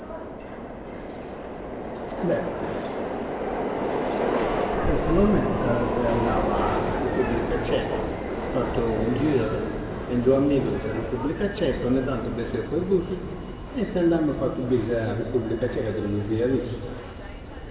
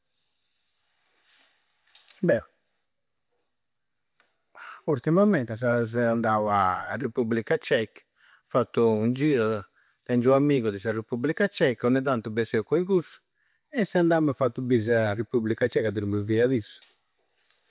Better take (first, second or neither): second